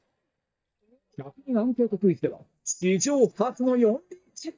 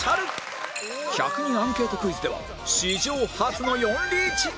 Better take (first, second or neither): second